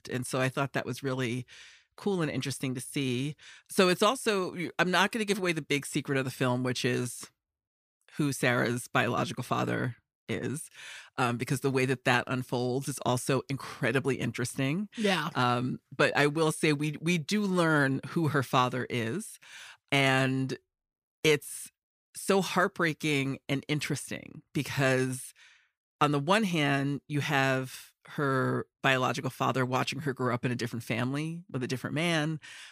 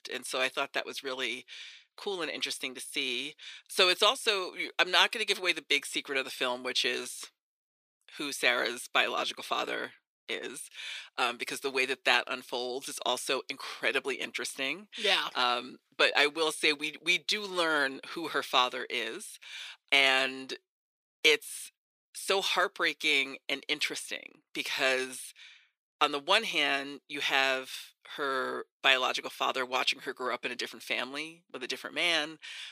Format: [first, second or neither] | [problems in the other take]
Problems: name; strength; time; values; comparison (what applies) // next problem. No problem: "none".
first | thin; somewhat; fading below 400 Hz